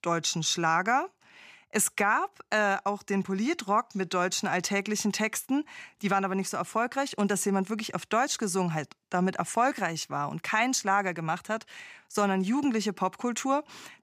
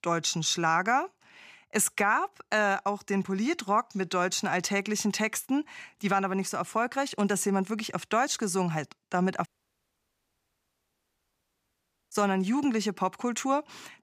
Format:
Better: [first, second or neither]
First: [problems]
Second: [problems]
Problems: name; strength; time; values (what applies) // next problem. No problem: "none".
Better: first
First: none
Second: audio cutting out; at 9.5 s for 2.5 s